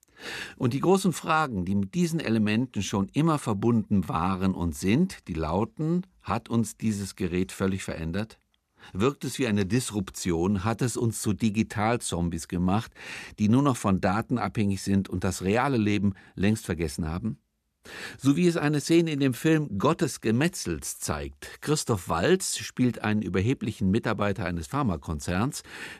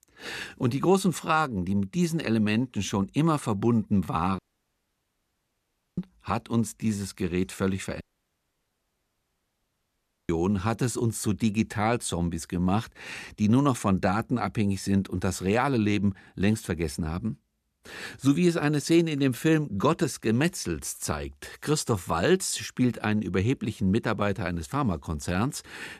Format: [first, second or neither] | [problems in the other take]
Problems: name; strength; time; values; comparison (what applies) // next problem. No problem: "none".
first | audio cutting out; at 4.5 s for 1.5 s and at 8 s for 2.5 s